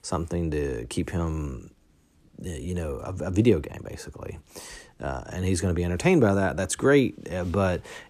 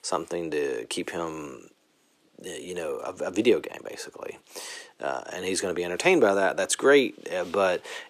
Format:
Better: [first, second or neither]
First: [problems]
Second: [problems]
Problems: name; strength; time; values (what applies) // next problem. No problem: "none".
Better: first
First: none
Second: thin; somewhat; fading below 450 Hz